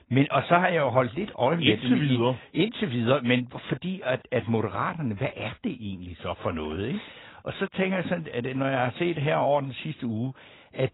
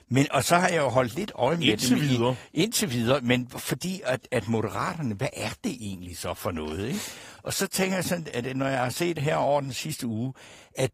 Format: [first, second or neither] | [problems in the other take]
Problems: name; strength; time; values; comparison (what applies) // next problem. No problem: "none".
second | garbled, watery; badly; nothing above 4 kHz; slightly in the second